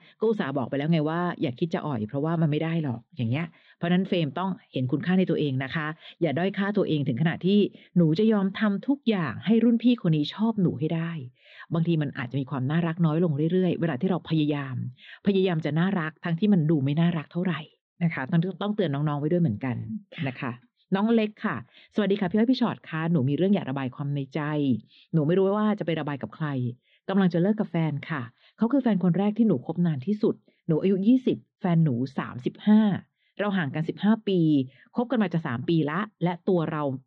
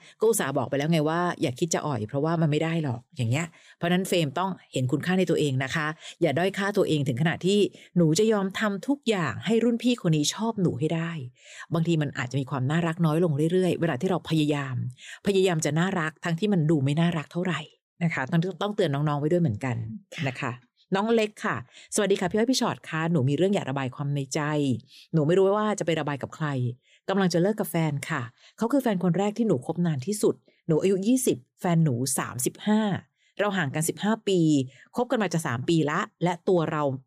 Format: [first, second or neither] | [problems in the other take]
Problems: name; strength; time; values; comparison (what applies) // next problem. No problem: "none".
second | muffled; slightly; fading above 4 kHz